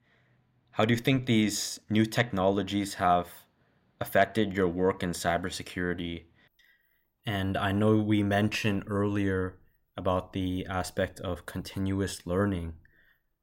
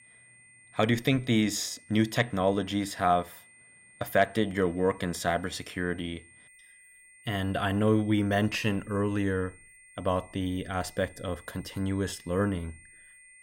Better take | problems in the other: first | high-pitched whine; faint; throughout; 2 kHz, 25 dB below the speech

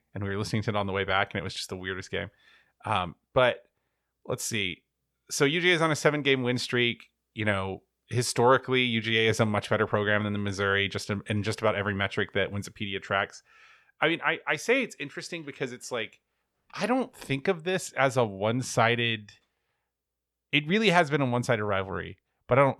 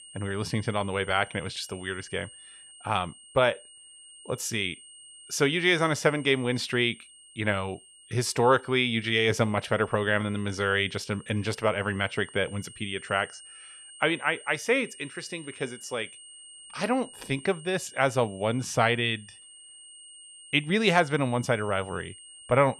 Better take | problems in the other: first | high-pitched whine; noticeable; throughout; 3 kHz, 20 dB below the speech

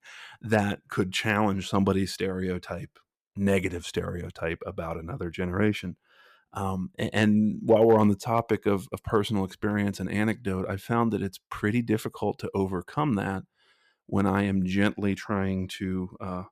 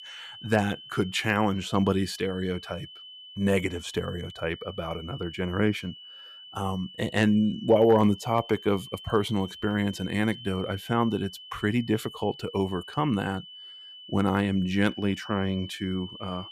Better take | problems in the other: first | high-pitched whine; noticeable; throughout; 3 kHz, 15 dB below the speech

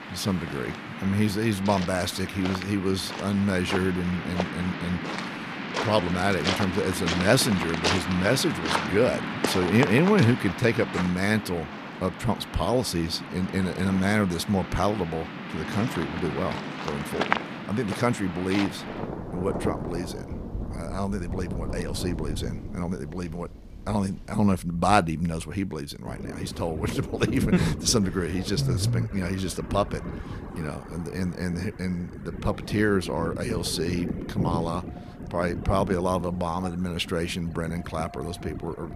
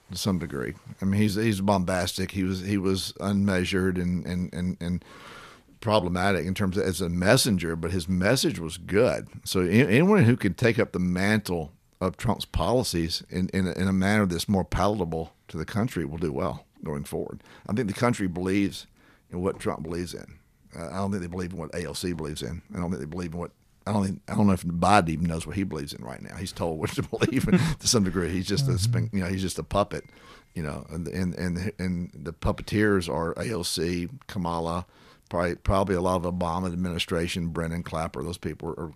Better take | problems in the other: second | rain or running water; loud; throughout; 6 dB below the speech

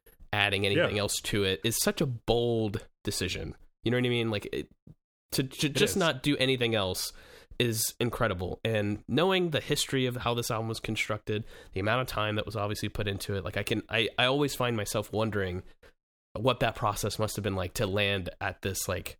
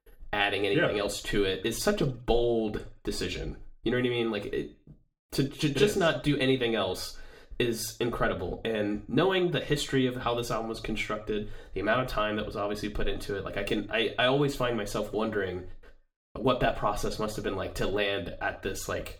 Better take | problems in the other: first | room echo; very slight; dies away in 0.3 s // off-mic speech; far

